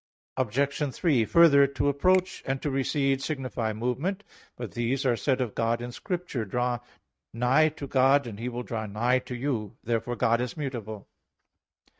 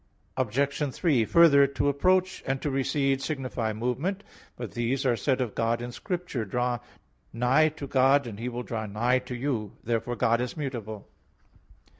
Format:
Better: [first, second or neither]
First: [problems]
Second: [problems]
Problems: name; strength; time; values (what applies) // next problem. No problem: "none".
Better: second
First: noise reduction (neural mask model RNNoise)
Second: none